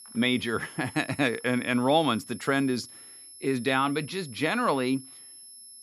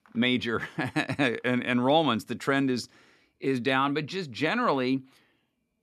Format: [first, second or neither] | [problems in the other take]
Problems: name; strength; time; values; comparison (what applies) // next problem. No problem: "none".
second | high-pitched whine; noticeable; throughout; 11 kHz, 15 dB below the speech